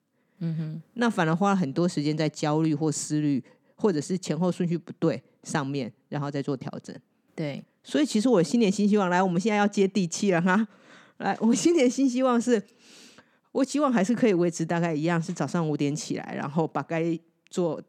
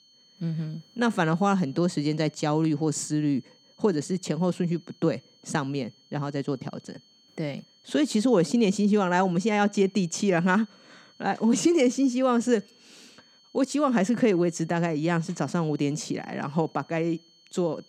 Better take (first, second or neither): first